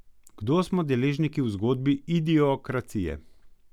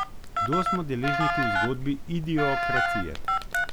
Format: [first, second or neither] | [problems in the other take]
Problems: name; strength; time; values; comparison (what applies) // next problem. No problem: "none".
first | background sound (Telephone + Wind instrument, woodwind instrument); 3 dB above the speech